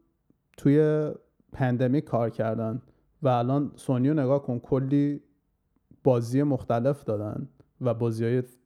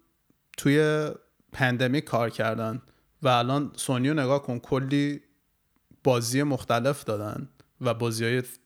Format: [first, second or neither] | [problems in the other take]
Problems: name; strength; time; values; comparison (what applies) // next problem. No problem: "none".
second | muffled; slightly; fading above 1 kHz